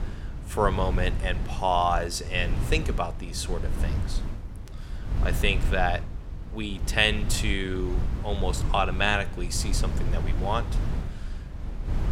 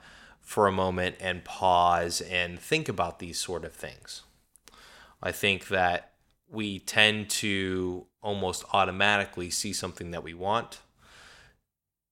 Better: second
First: wind noise on the microphone; occasional gusts; 15 dB below the speech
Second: none

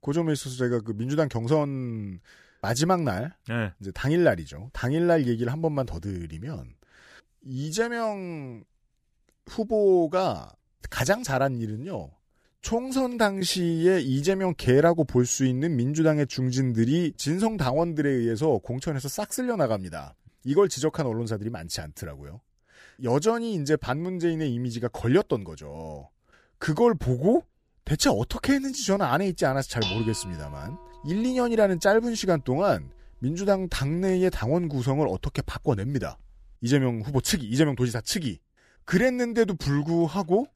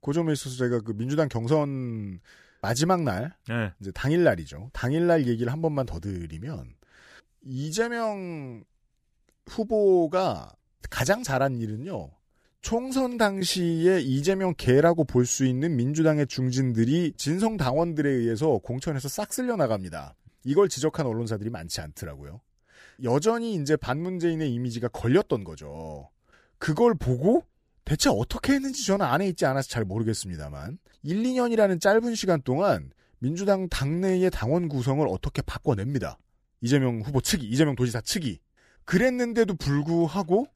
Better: second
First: clattering dishes; noticeable; from 30 to 36 s; peak 5 dB below the speech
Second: none

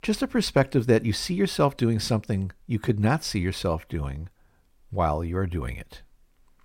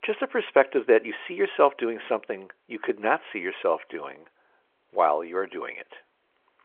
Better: first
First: none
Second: phone-call audio

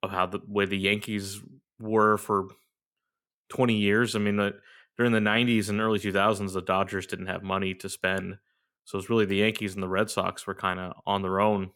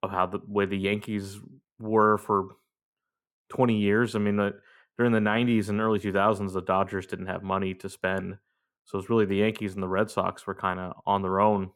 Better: first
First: none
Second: muffled; slightly; fading above 2 kHz

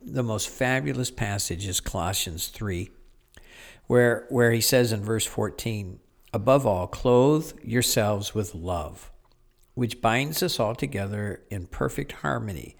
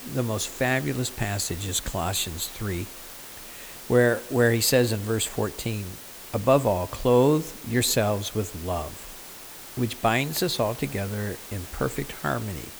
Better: first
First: none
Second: hiss; noticeable; throughout; 15 dB below the speech

